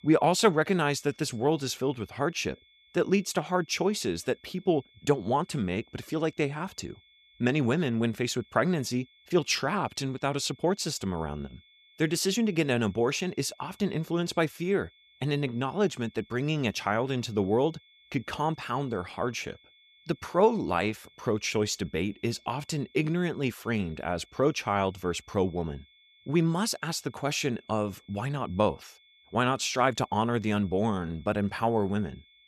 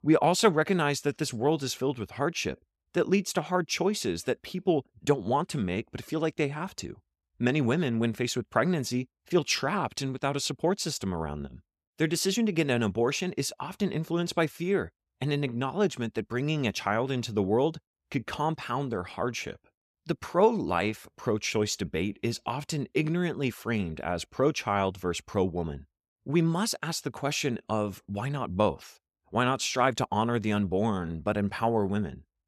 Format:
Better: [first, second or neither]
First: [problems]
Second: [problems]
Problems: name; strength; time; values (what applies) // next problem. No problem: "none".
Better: second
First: high-pitched whine; faint; throughout; 3.5 kHz, 30 dB below the speech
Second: none